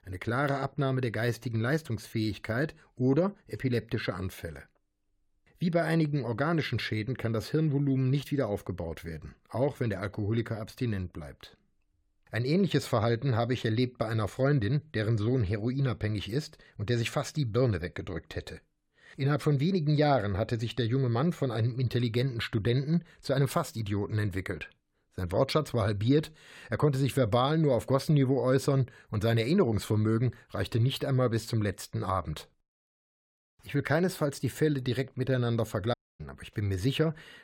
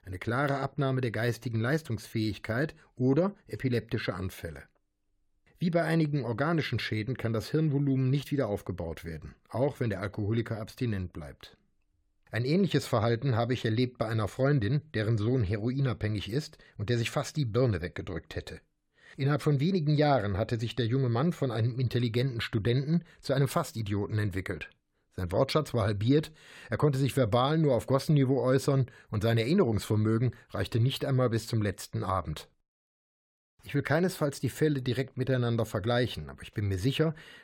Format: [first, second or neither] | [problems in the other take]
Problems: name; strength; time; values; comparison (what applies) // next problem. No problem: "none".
second | audio cutting out; at 36 s